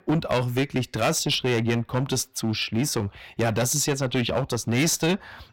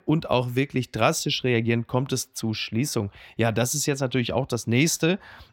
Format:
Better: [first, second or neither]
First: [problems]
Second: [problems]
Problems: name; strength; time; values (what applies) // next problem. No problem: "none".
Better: second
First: distortion; heavy; 9% of the sound clipped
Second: none